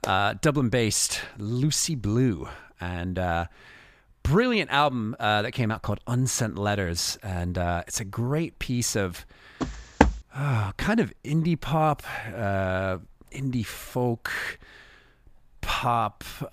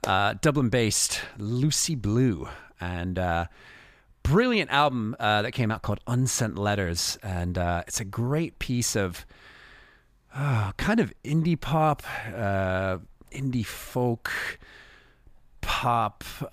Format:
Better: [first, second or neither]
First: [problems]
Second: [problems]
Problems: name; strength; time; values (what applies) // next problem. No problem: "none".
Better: second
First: footsteps; loud; at 9.5 s; peak 3 dB above the speech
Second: none